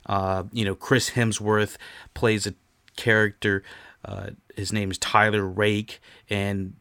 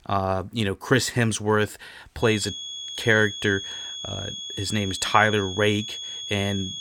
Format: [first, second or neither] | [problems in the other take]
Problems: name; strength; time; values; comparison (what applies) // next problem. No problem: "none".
first | high-pitched whine; loud; from 2 s on; 3.5 kHz, 8 dB below the speech